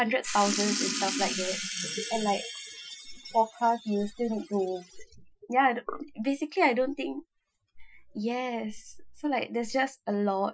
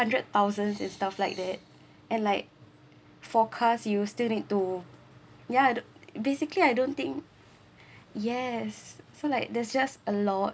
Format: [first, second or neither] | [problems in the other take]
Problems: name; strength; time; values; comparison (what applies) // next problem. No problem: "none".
second | noise reduction (classical method Wiener filter)